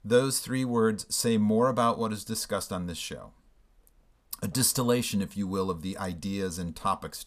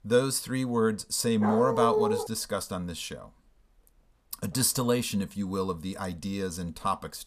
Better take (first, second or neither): first